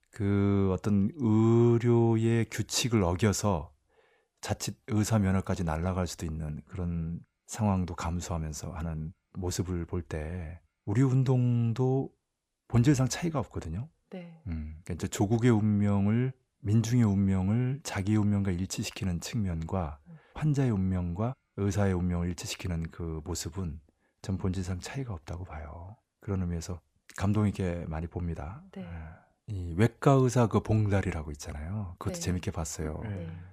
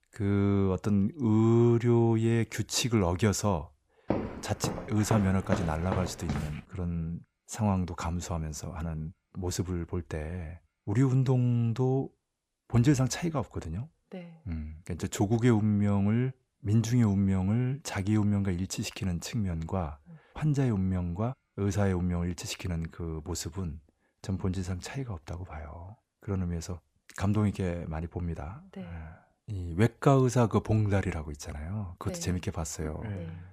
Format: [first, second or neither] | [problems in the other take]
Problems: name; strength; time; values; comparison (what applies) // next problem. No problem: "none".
first | footsteps; noticeable; from 4 to 6.5 s; peak 4 dB below the speech